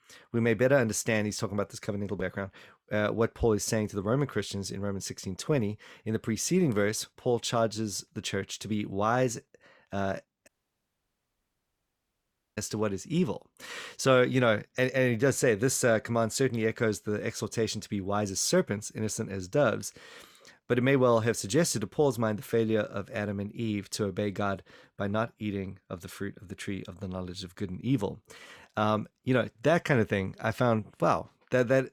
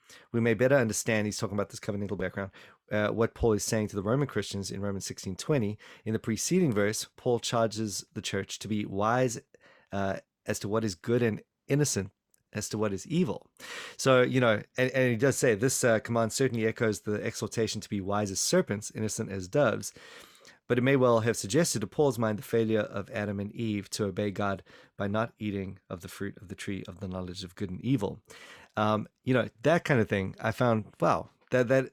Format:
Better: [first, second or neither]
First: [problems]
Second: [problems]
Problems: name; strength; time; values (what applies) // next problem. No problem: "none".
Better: second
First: audio cutting out; at 10 s for 2 s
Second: none